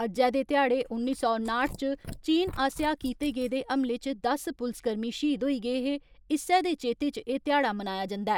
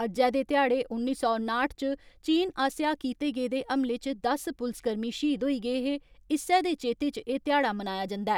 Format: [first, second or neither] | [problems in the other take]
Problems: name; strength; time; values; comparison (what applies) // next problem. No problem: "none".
second | noise reduction (neural mask model Resemble Enhance denoiser)